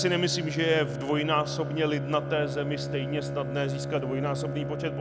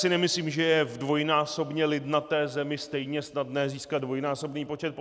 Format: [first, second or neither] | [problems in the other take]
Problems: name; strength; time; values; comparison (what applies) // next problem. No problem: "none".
second | background sound (Bowed string instrument); 4 dB below the speech